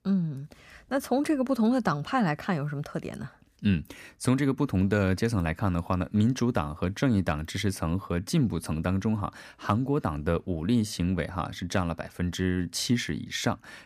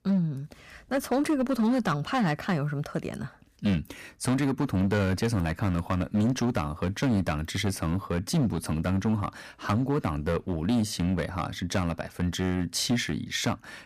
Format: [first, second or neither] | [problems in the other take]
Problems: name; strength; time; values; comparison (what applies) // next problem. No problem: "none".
first | distortion; slight; 9% of the sound clipped